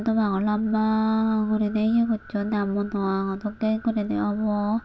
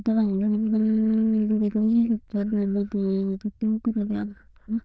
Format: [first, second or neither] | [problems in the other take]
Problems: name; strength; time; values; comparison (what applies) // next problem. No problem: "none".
first | noise reduction (neural diffusion model UNIVERSE++)